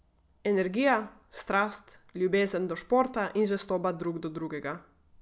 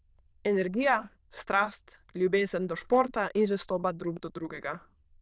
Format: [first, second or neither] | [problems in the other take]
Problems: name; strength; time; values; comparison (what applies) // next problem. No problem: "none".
first | noise reduction (neural diffusion model UNIVERSE++)